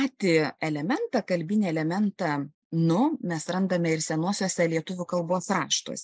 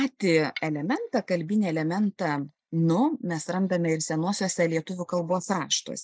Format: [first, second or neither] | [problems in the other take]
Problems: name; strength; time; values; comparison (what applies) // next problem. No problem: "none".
first | noise reduction (neural mask model DeepFilterNet 3)